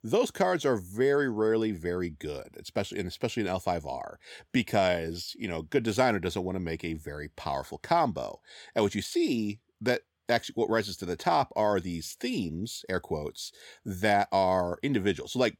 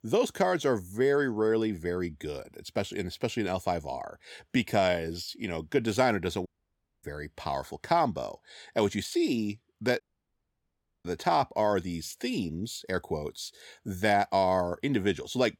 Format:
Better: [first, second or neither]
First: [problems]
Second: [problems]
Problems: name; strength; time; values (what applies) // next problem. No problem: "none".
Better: first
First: none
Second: audio cutting out; at 6.5 s for 0.5 s and at 10 s for 1 s